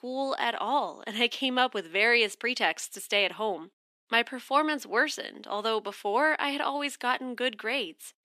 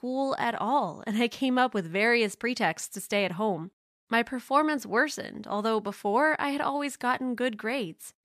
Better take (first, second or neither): second